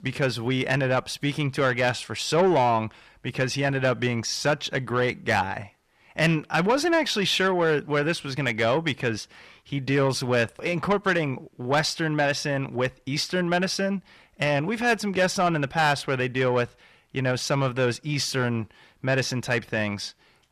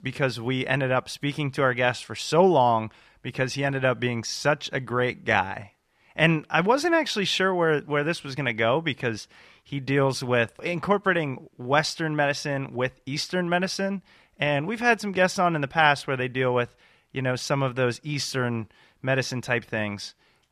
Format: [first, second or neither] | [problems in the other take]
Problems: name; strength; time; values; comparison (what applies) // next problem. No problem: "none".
second | distortion; slight; 10 dB below the speech